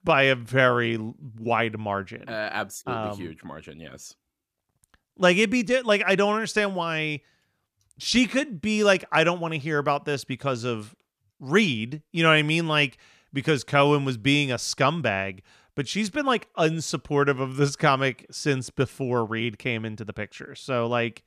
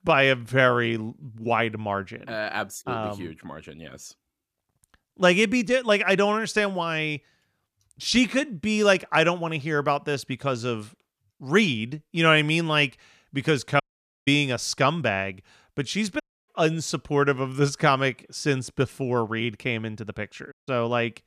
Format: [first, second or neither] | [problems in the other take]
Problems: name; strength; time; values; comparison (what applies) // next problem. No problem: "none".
first | audio cutting out; at 14 s, at 16 s and at 21 s